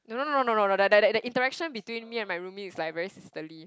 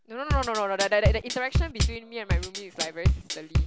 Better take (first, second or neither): first